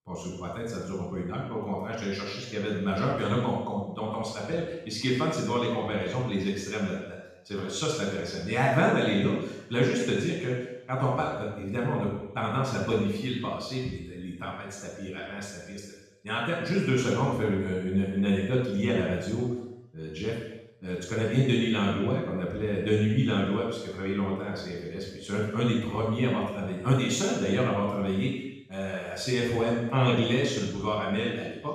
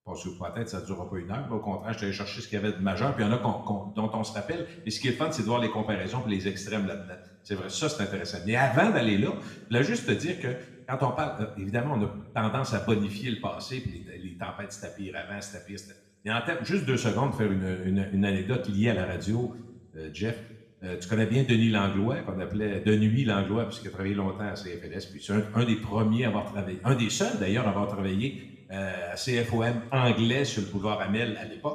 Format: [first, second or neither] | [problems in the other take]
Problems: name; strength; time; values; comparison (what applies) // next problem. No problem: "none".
second | room echo; strong; dies away in 0.9 s; slight in the second // off-mic speech; far; somewhat distant in the second